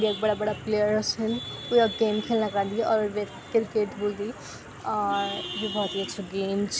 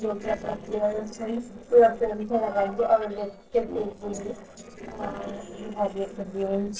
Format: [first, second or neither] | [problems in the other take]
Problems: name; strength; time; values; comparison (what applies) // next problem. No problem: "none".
first | noise reduction (neural separator model SepFormer DNS4)